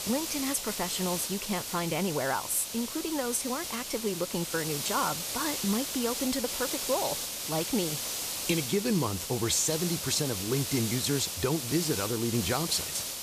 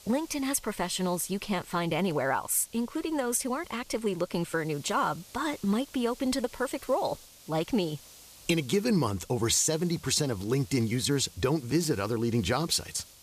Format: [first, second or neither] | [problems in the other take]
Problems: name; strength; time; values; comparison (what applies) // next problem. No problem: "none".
second | hiss; loud; throughout; 2 dB below the speech; faint in the second